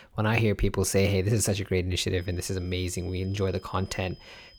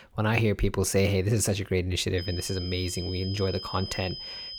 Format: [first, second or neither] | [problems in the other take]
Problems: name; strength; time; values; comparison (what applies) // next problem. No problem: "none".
first | high-pitched whine; loud; from 2 s on; 5 kHz, 9 dB below the speech; faint in the first